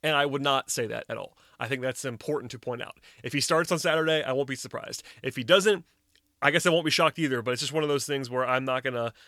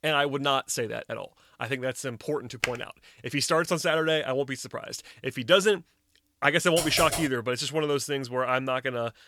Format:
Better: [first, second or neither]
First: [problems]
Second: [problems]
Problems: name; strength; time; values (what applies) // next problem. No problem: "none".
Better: first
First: none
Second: keyboard typing; noticeable; at 2.5 s and at 7 s; peak 2 dB below the speech